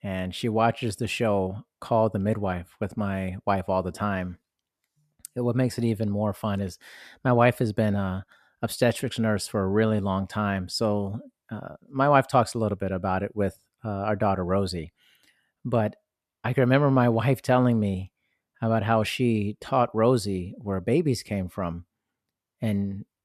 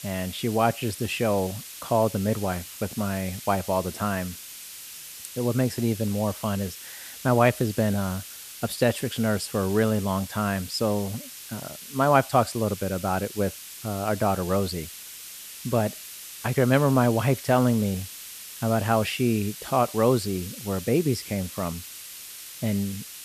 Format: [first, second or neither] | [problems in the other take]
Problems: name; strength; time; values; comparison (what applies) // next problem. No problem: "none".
first | hiss; noticeable; throughout; 10 dB below the speech